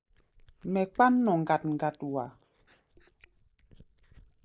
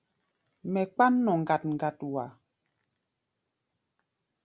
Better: second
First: noise reduction (neural mask model DeepFilterNet 3)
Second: none

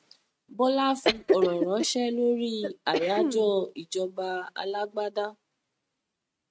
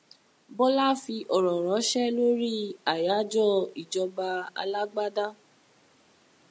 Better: second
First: noise reduction (neural mask model RNNoise)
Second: none

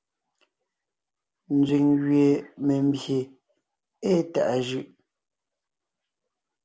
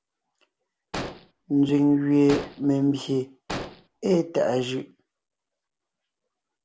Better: first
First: none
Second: background sound (Explosion); 12 dB below the speech

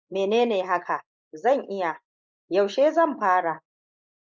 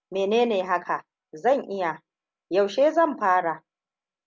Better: second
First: noise reduction (neural mask model Resemble Enhance denoiser)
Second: none

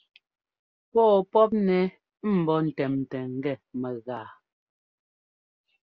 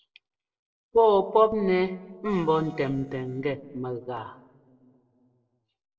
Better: first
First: none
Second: noise reduction (neural separator model SepFormer DNS4)

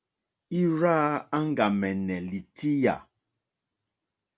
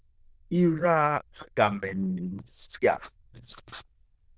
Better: first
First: none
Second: noise reduction (neural diffusion model UNIVERSE++)

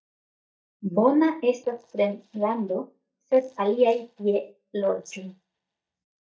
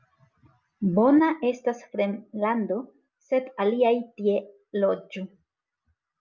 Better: second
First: noise reduction (neural mask model DeepFilterNet 3)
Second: none

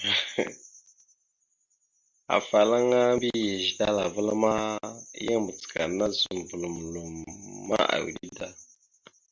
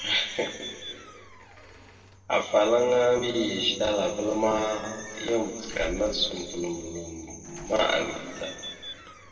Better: first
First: none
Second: background sound (Squeak / Slam / Alarm / Wood); 17 dB below the speech // room echo; dies away in 2.2 s

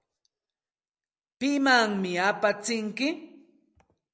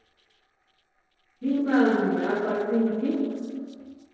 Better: first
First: none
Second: noise reduction (neural separator model SepFormer DNS4)

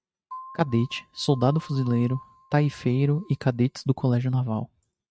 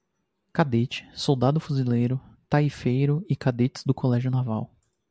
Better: second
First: noise reduction (neural mask model RNNoise)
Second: none

